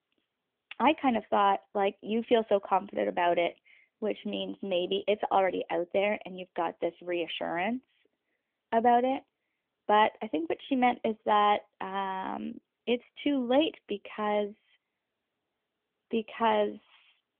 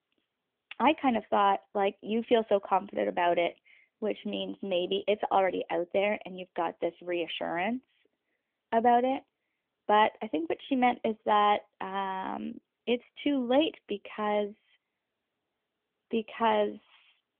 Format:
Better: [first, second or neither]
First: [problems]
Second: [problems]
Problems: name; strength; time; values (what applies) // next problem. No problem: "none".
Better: neither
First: phone-call audio; nothing above 3.5 kHz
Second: phone-call audio; nothing above 3.5 kHz